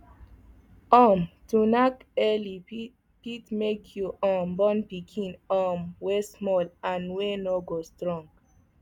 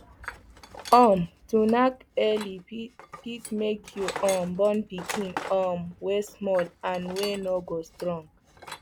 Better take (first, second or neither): first